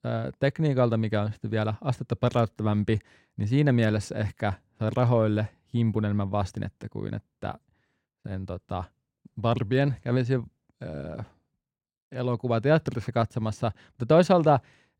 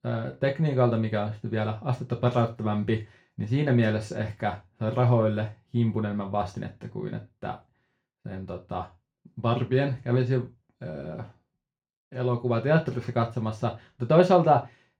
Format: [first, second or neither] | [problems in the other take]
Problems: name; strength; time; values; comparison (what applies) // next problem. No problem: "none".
first | room echo; very slight; dies away in 0.3 s // off-mic speech; far